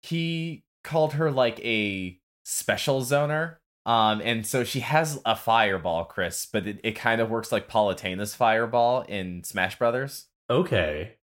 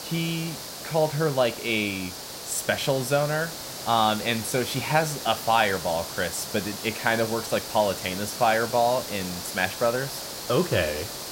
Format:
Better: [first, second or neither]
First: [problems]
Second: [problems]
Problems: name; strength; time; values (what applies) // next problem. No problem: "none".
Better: first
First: none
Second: hiss; loud; throughout; 8 dB below the speech